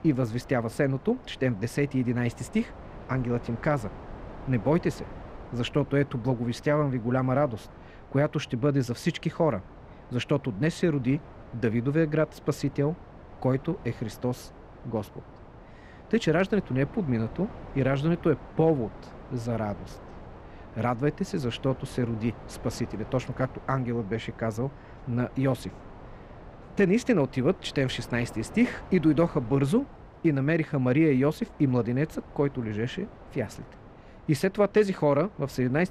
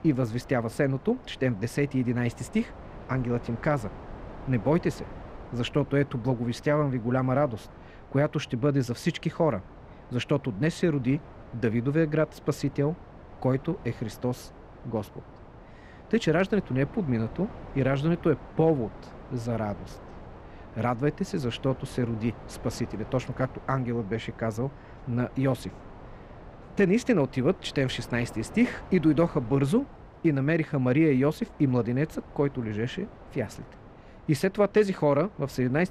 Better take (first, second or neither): neither